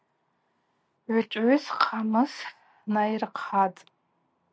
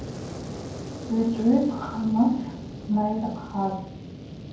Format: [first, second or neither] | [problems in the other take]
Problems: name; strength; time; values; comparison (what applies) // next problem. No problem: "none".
first | background sound (Fire); 10 dB below the speech // room echo; dies away in 0.9 s